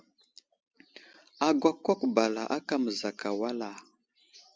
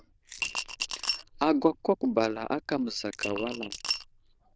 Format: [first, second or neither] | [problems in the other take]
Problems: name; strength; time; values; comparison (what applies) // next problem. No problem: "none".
first | noise reduction (neural diffusion model UNIVERSE++)